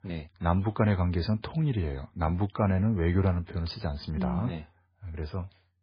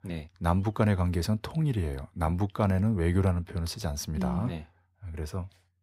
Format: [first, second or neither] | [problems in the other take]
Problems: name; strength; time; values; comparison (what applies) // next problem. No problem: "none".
second | garbled, watery; badly; nothing above 11 kHz